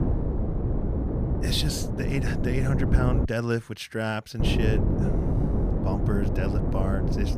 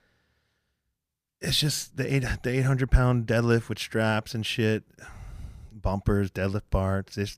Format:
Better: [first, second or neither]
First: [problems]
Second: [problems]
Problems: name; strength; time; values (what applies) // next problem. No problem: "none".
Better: second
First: wind noise on the microphone; heavy; until 3.5 s and from 4.5 s on; 3 dB below the speech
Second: none